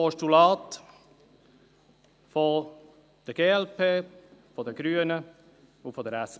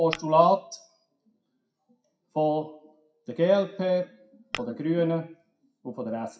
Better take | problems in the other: first | noise reduction (classical method WPE with log-MMSE)

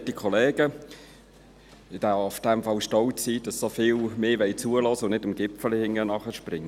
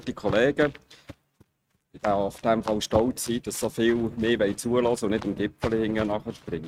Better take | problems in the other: first | noise reduction (neural mask model RNNoise)

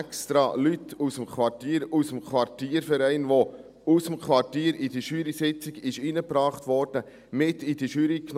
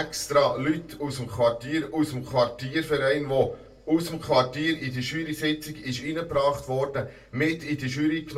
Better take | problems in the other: first | room echo; dies away in 0.2 s

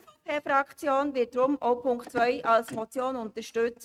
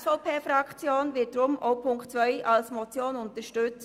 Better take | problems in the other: second | noise reduction (neural mask model RNNoise)

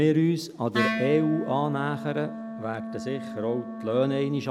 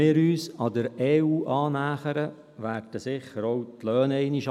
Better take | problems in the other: second | background sound (Wind instrument, woodwind instrument); 8 dB below the speech

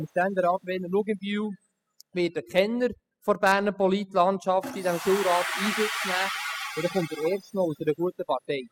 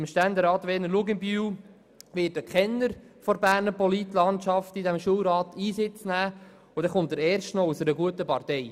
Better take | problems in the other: second | noise reduction (classical method spectral subtraction)

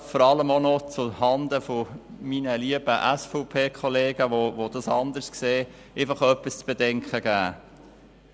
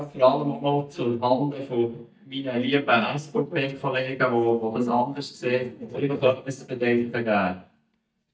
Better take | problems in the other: first | noise reduction (neural mask model DeepFilterNet 3)

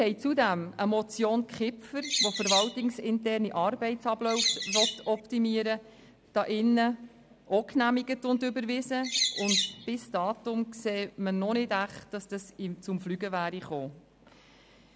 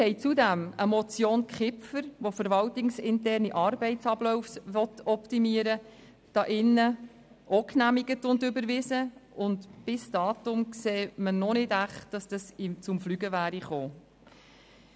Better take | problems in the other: second | background sound (Bird); as loud as the speech

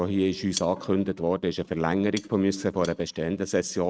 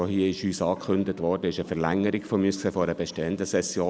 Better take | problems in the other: second | noise reduction (neural mask model RNNoise)

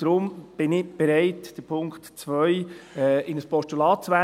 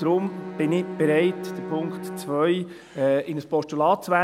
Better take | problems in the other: first | background sound (Bowed string instrument); 12 dB below the speech

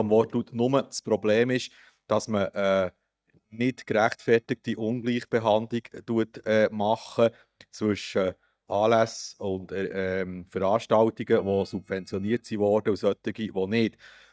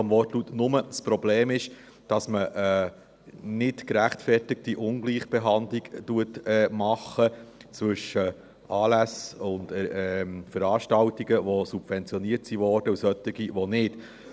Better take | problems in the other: second | noise reduction (neural mask model DeepFilterNet 3)

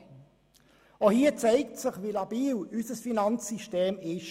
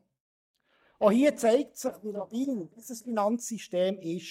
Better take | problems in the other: first | noise reduction (neural mask model DeepFilterNet 3)

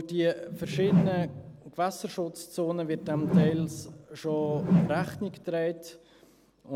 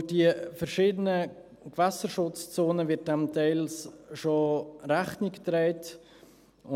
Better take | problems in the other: second | background sound (Whoosh, swoosh, swish); 3 dB above the speech

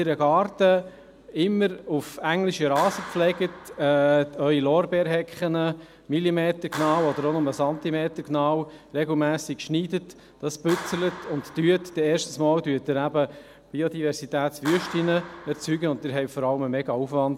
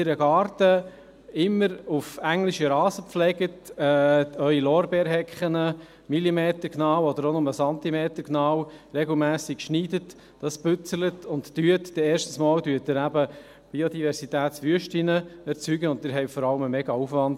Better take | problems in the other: second | background sound (Clapping); 18 dB below the speech

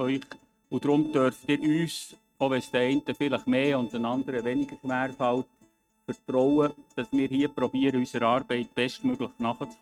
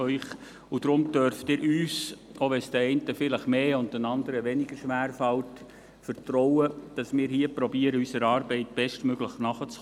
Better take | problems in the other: second | noise reduction (neural mask model RNNoise)

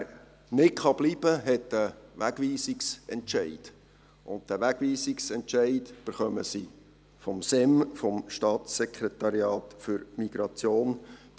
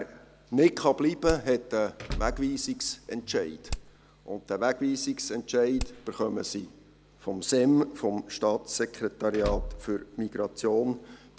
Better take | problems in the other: first | background sound (Hammer + Door / Car); 8 dB below the speech

